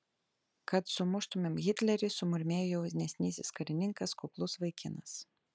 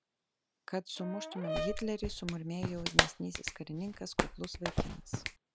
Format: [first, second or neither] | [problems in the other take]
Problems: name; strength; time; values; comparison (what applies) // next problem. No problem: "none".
first | background sound (Brass instrument + Clapping); 4 dB above the speech